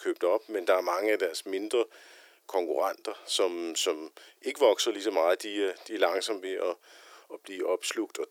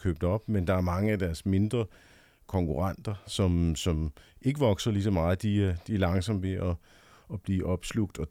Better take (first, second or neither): second